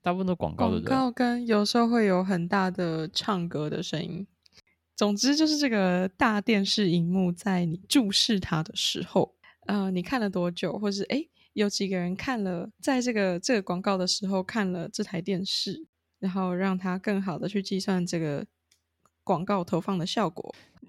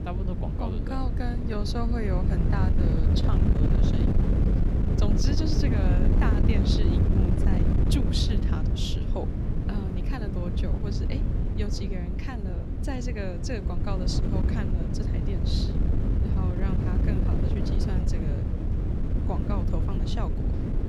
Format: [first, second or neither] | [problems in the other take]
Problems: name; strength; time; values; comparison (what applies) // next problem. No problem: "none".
first | wind noise on the microphone; heavy; as loud as the speech